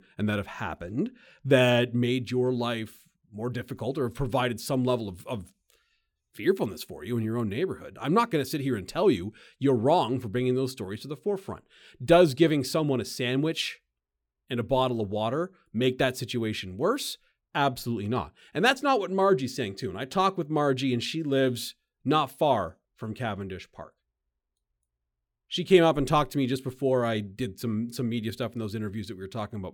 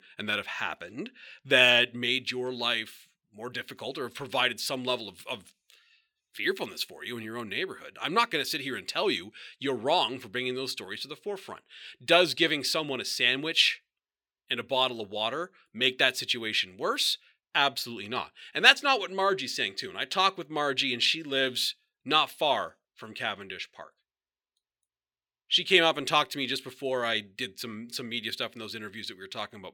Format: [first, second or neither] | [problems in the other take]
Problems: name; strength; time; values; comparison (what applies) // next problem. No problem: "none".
first | thin; somewhat; fading below 700 Hz